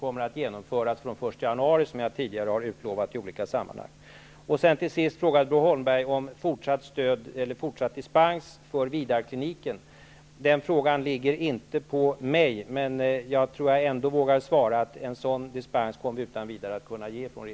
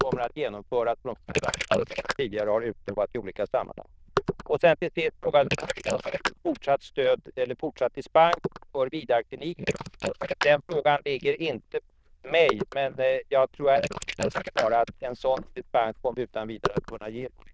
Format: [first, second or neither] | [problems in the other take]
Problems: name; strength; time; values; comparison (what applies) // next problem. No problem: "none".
first | noise reduction (neural diffusion model UNIVERSE++)